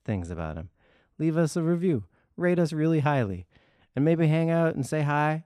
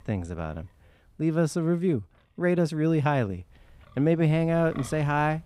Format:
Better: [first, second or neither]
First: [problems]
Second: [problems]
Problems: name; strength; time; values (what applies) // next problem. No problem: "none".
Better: first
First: none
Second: wind noise on the microphone; occasional gusts; 20 dB below the speech